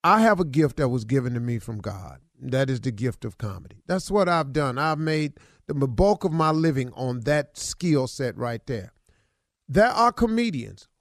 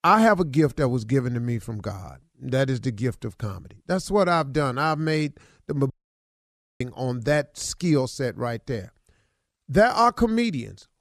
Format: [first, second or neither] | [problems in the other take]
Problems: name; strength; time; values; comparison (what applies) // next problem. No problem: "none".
first | audio cutting out; at 6 s for 1 s